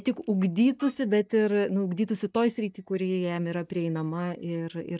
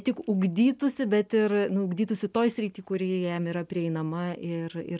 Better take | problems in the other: second | noise reduction (neural mask model DeepFilterNet 3)

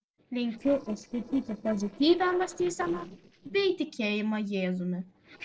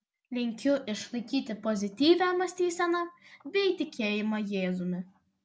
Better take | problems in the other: second | noise reduction (neural separator model SepFormer DNS4)

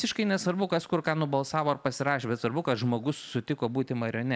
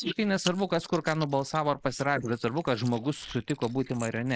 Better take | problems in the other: first | noise reduction (neural mask model Resemble Enhance denoiser)

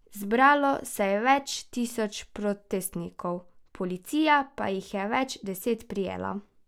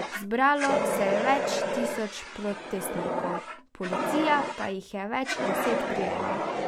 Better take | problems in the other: first | background sound (Fire); as loud as the speech

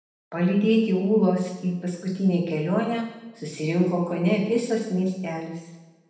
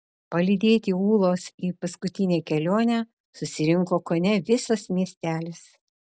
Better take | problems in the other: second | room echo; dies away in 0.9 s

